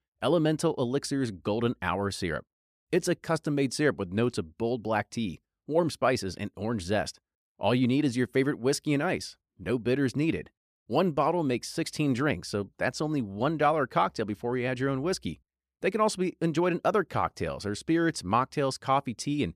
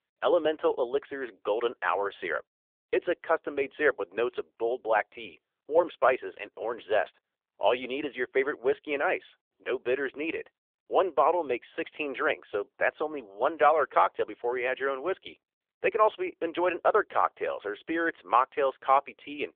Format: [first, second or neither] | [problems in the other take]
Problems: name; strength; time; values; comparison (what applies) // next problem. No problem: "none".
first | phone-call audio; nothing above 3.5 kHz